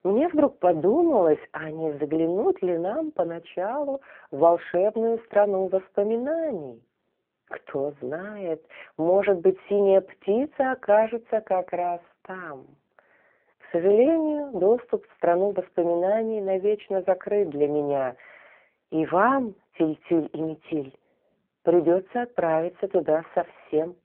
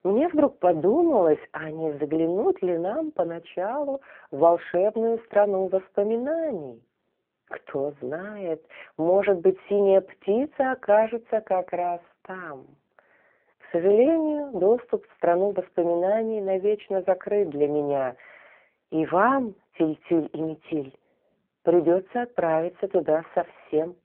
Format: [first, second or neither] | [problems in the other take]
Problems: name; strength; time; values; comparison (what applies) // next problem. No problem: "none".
neither | phone-call audio; poor line; the same in both